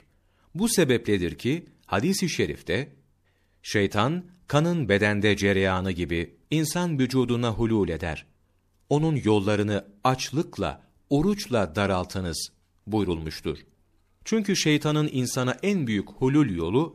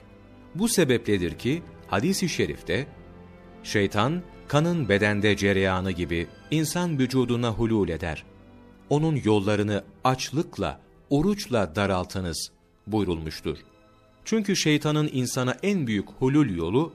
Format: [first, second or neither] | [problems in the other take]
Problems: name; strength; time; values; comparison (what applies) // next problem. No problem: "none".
first | background music; faint; throughout; 25 dB below the speech